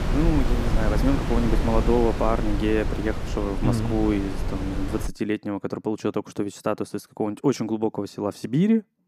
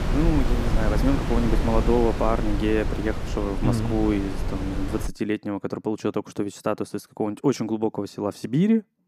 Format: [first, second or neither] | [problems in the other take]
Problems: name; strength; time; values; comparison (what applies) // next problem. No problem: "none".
neither | wind noise on the microphone; heavy; until 5 s; 6 dB below the speech; the same in both